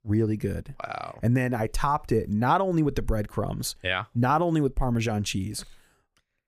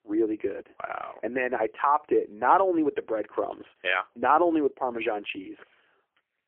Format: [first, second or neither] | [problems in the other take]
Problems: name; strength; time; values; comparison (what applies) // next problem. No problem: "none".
first | phone-call audio; poor line; nothing above 3 kHz